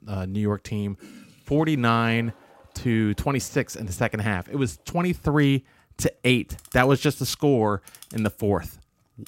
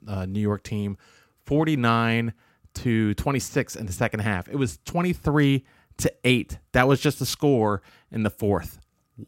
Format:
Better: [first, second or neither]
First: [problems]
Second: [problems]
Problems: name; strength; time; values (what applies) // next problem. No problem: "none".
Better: second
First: household noises; faint; throughout; 25 dB below the speech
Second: none